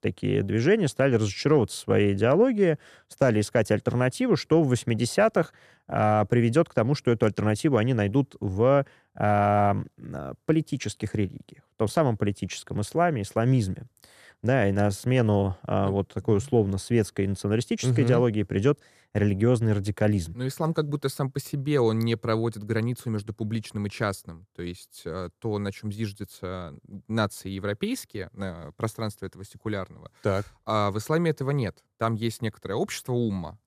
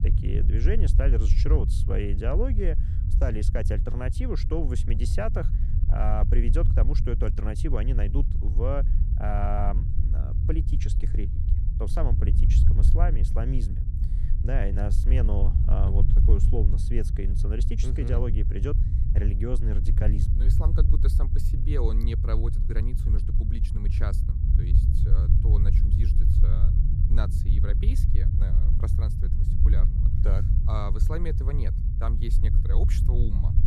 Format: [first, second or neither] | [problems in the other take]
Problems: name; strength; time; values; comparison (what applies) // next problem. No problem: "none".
first | low rumble; loud; throughout; 6 dB below the speech